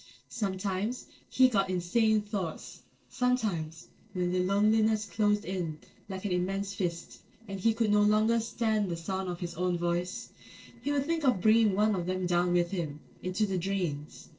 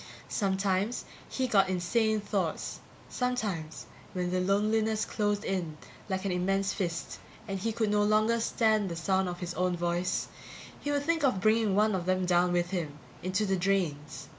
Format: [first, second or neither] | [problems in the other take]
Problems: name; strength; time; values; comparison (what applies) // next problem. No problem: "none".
second | noise reduction (neural separator model SepFormer DNS4)